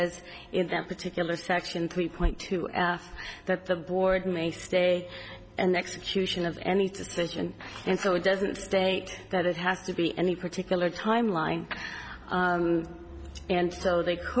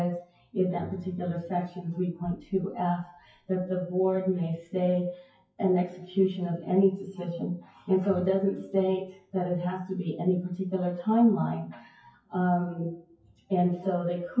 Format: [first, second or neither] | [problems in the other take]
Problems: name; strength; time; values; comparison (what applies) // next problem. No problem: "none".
first | noise reduction (classical method WPE with log-MMSE)